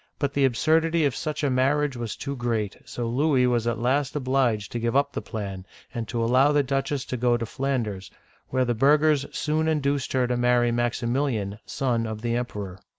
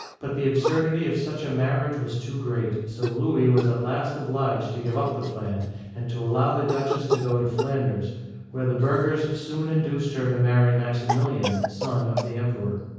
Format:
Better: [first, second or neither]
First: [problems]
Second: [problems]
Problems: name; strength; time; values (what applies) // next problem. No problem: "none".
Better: first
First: none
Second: background sound (Cough); 10 dB below the speech // room echo; dies away in 1.3 s